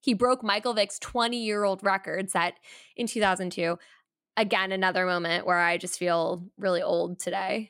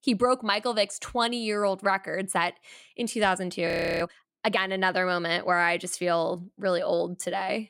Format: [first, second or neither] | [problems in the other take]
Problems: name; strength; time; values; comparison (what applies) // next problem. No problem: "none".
first | audio freezing; at 3.5 s